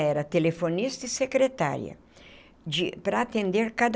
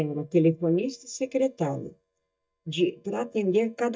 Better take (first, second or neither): first